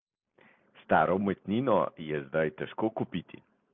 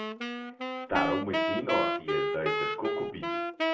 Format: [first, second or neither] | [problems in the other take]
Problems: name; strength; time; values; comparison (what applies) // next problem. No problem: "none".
first | background sound (Wind instrument, woodwind instrument); 3 dB above the speech // room echo; dies away in 0.3 s